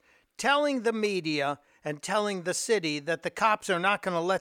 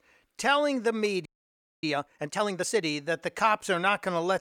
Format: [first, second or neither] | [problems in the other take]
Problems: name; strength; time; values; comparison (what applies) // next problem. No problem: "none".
first | audio freezing; at 1.5 s for 0.5 s